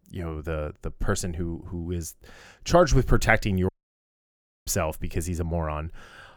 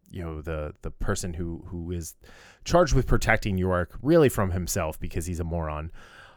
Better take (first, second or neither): second